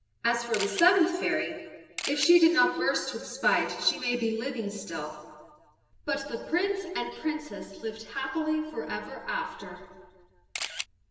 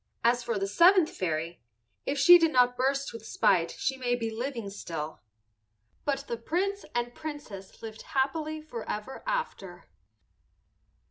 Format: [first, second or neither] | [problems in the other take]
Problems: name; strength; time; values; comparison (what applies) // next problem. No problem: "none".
second | background sound (Camera); 5 dB below the speech // room echo; dies away in 1.3 s